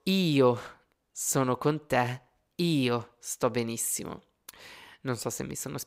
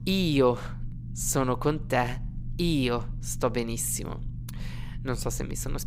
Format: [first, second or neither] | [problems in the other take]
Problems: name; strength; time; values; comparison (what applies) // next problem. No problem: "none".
first | low rumble; faint; throughout; 20 dB below the speech